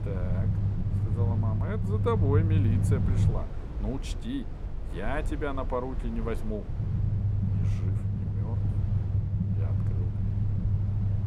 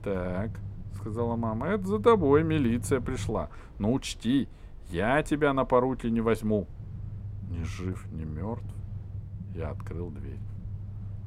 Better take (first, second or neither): second